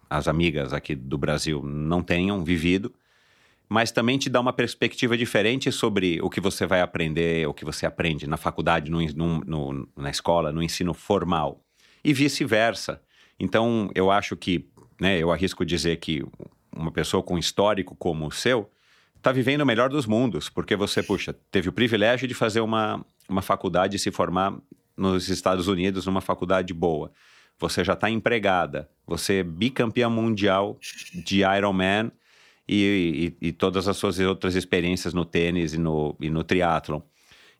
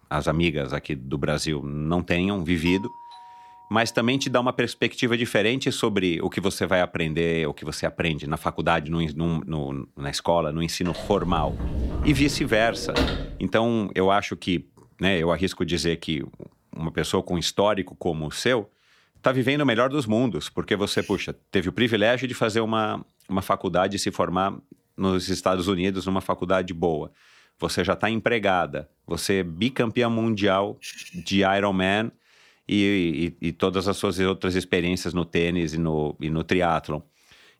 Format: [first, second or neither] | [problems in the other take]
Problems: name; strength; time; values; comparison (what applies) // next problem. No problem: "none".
first | doorbell; faint; from 2.5 to 4 s; peak 15 dB below the speech // door banging; noticeable; from 11 to 13 s; peak 1 dB below the speech